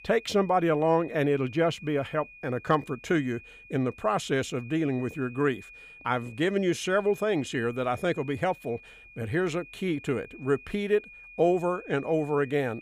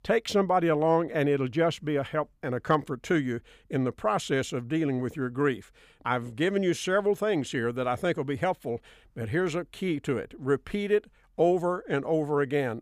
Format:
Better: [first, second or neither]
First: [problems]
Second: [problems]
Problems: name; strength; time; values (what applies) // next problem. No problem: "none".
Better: second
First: high-pitched whine; noticeable; throughout; 2.5 kHz, 20 dB below the speech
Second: none